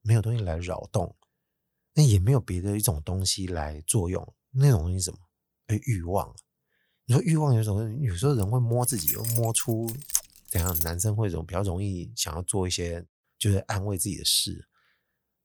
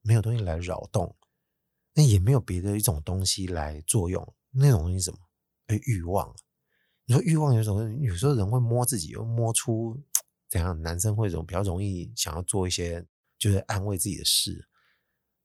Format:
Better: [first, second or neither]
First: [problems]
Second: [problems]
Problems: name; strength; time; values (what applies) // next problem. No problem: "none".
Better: second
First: jangling keys; loud; from 8.5 to 11 s; peak 1 dB above the speech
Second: none